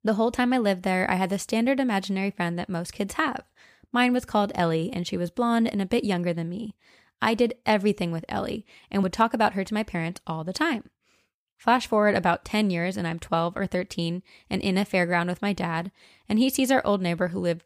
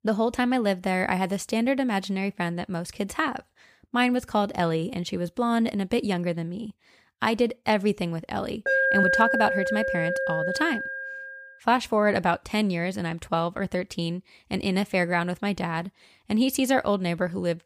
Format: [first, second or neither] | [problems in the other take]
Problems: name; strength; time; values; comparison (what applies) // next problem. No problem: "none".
first | alarm; loud; from 8.5 to 11 s; peak 6 dB above the speech